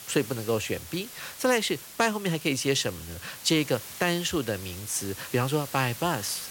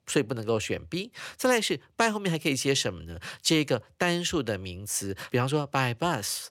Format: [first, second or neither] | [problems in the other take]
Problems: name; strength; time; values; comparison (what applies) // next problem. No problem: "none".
second | hiss; noticeable; throughout; 10 dB below the speech